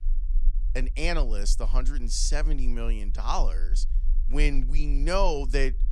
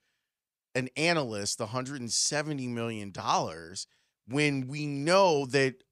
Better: second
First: low rumble; faint; throughout; 25 dB below the speech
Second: none

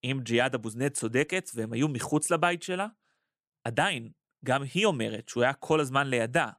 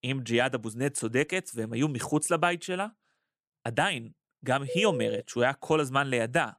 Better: first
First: none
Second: phone ringing; noticeable; at 4.5 s; peak 4 dB below the speech

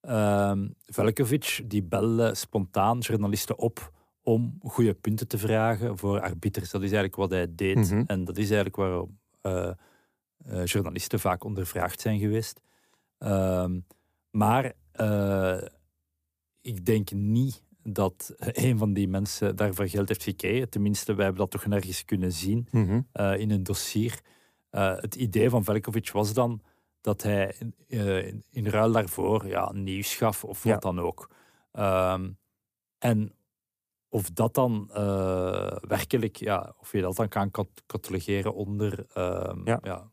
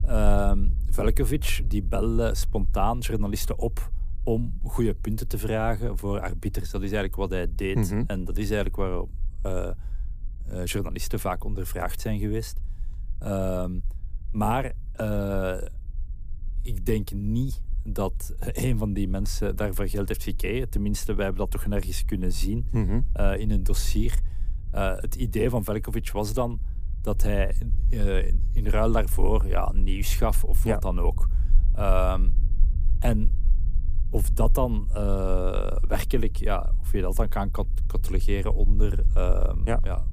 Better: first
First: none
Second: low rumble; faint; throughout; 20 dB below the speech

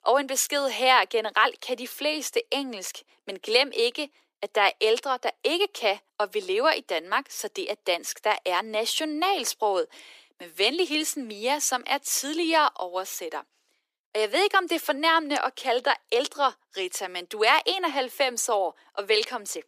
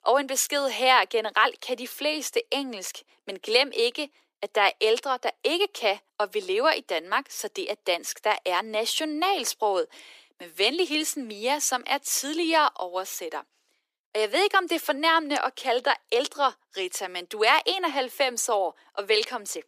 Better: neither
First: thin; very; fading below 350 Hz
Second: thin; very; fading below 350 Hz

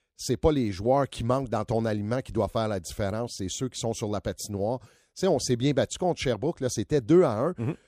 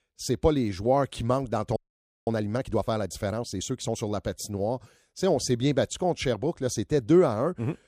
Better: first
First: none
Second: audio freezing; at 2 s for 0.5 s

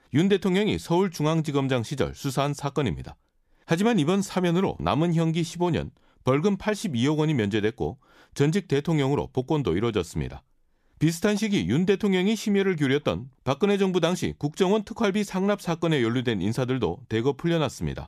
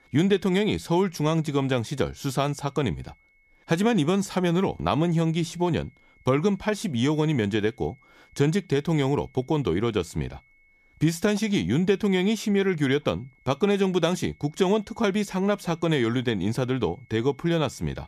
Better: first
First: none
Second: high-pitched whine; faint; throughout; 2 kHz, 35 dB below the speech

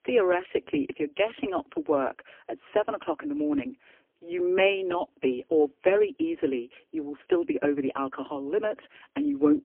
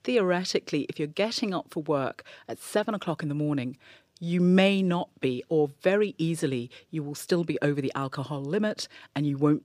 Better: second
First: phone-call audio; poor line; nothing above 3 kHz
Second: none

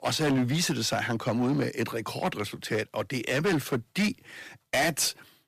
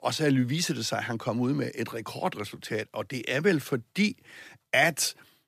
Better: second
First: distortion; heavy; 11% of the sound clipped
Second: none

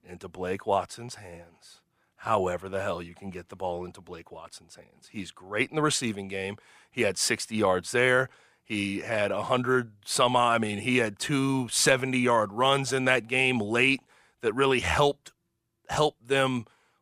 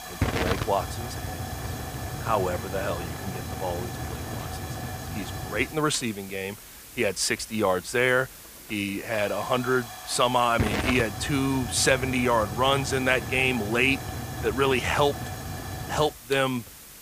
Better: first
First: none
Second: hiss; loud; throughout; 9 dB below the speech

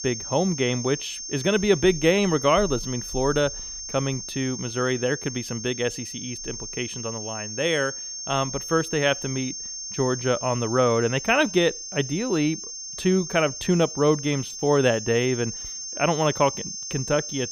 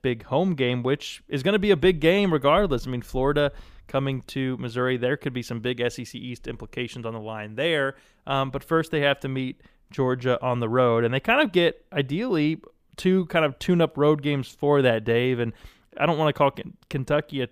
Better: second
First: high-pitched whine; loud; throughout; 6.5 kHz, 8 dB below the speech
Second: none

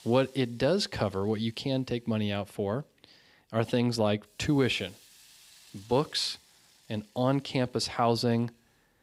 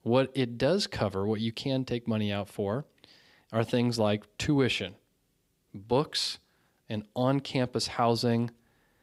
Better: second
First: hiss; faint; throughout; 30 dB below the speech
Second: none

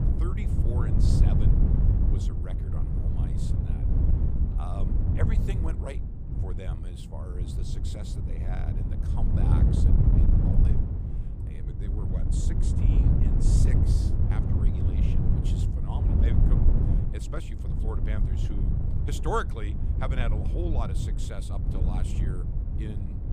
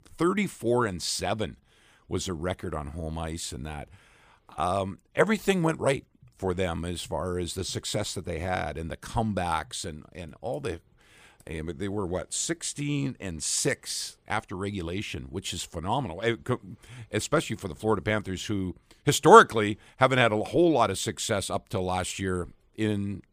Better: second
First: wind noise on the microphone; heavy; 1 dB above the speech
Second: none

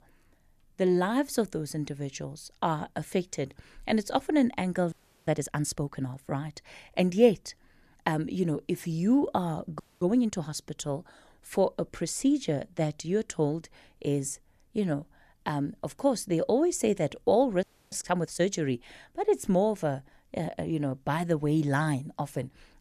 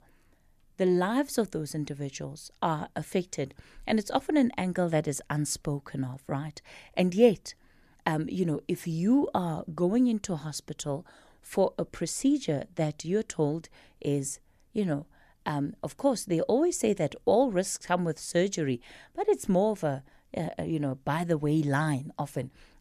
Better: second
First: audio freezing; at 5 s, at 10 s and at 18 s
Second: none

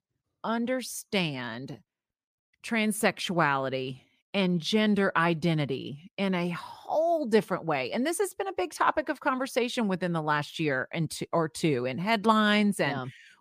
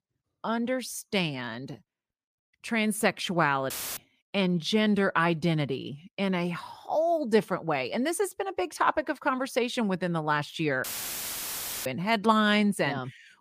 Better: first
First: none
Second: audio cutting out; filled with static; at 3.5 s and at 11 s for 1 s

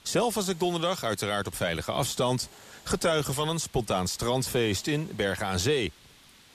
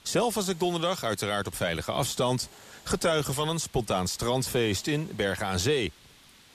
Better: neither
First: hiss; faint; throughout; 25 dB below the speech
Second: hiss; faint; throughout; 25 dB below the speech

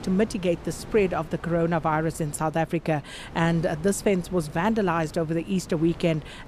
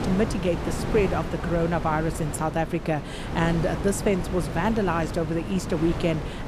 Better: first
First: wind noise on the microphone; occasional gusts; 20 dB below the speech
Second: wind noise on the microphone; heavy; 7 dB below the speech

